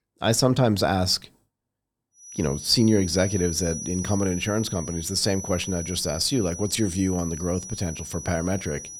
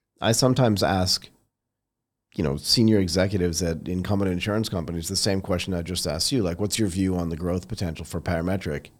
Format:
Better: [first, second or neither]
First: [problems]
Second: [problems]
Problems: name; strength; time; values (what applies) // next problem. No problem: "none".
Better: second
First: high-pitched whine; loud; from 2.5 s on; 6 kHz, 10 dB below the speech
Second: none